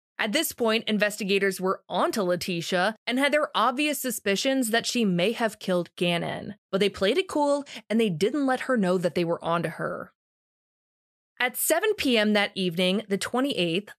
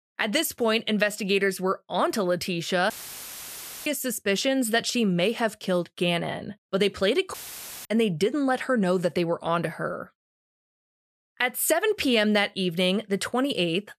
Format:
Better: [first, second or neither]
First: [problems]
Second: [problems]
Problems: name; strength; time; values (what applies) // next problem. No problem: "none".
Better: first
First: none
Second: audio cutting out; filled with static; at 3 s for 1 s and at 7.5 s for 0.5 s